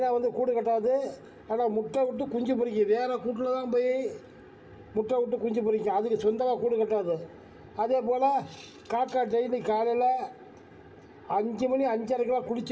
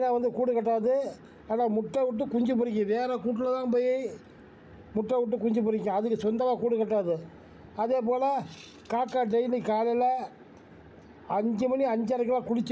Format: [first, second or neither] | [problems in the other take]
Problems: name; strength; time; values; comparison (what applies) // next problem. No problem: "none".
second | room echo; dies away in 0.7 s